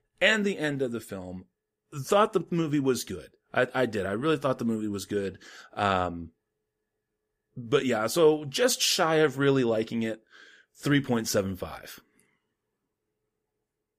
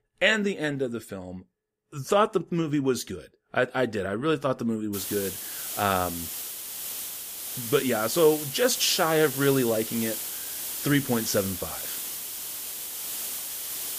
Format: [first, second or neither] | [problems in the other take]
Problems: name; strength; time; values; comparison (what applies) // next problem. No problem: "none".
first | hiss; loud; from 5 s on; 6 dB below the speech